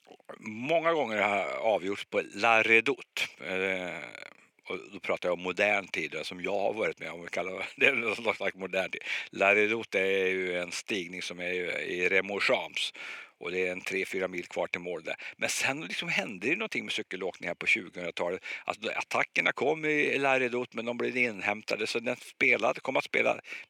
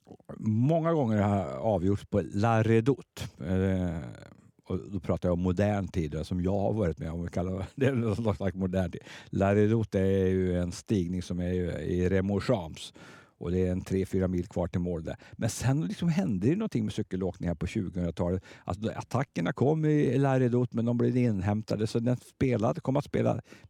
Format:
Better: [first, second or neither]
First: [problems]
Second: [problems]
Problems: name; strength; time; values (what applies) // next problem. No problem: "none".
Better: second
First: thin; very; fading below 500 Hz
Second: none